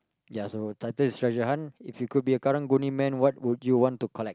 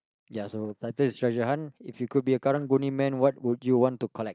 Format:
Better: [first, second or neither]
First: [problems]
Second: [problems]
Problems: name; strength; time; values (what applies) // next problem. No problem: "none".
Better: first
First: none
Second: noise reduction (neural mask model DeepFilterNet 3)